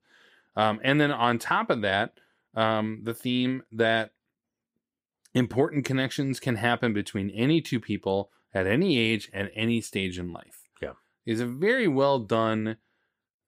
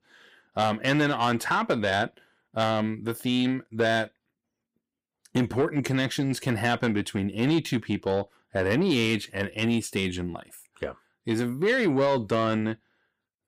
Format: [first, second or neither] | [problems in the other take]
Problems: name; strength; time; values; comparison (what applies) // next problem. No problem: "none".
first | distortion; slight; 10 dB below the speech